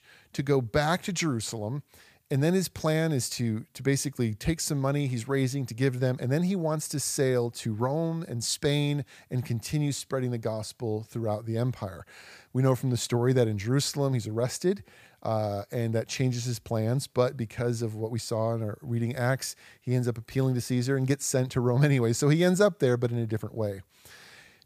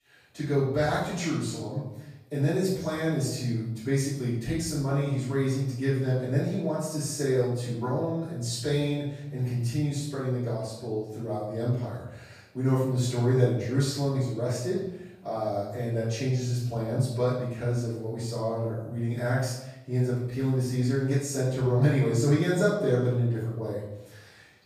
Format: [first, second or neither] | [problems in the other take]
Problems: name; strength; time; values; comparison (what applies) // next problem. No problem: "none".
first | off-mic speech; far // room echo; noticeable; dies away in 0.8 s